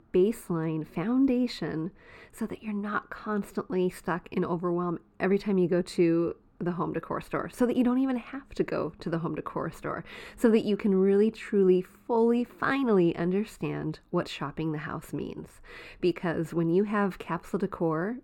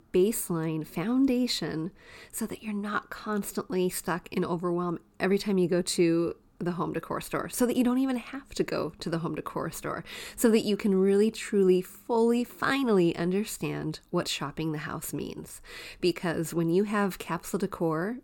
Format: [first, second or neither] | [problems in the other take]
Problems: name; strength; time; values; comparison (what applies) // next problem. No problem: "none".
second | muffled; slightly; fading above 3.5 kHz